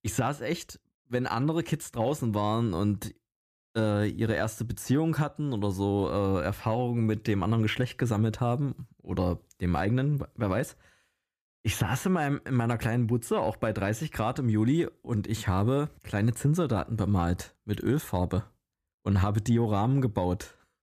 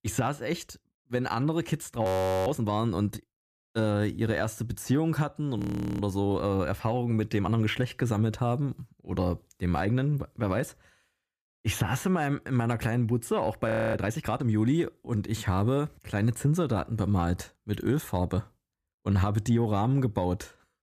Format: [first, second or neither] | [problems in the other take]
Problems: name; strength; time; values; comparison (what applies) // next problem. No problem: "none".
first | audio freezing; at 2 s, at 5.5 s and at 14 s